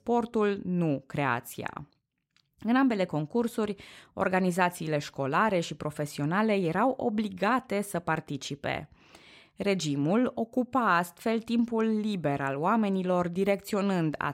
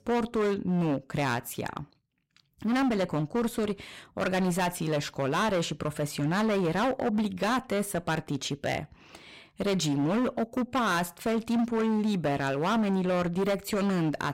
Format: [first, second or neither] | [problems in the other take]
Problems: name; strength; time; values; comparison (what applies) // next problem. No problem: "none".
first | distortion; heavy; 17% of the sound clipped